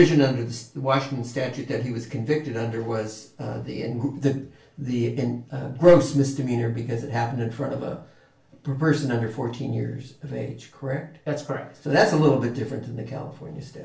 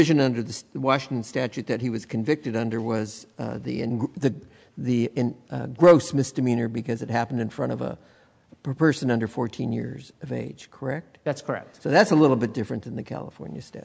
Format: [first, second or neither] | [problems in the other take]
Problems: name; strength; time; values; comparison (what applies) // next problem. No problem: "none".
second | room echo; dies away in 0.3 s